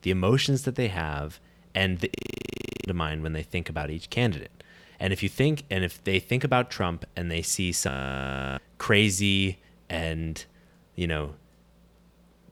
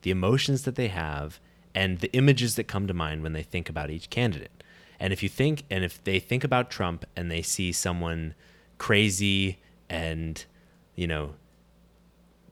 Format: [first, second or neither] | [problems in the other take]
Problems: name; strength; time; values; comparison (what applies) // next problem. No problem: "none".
second | audio freezing; at 2 s for 0.5 s and at 8 s for 0.5 s